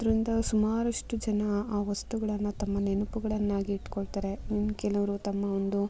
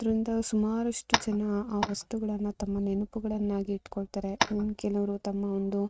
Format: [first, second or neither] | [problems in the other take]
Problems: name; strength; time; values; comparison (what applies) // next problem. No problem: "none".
first | noise reduction (neural mask model RNNoise)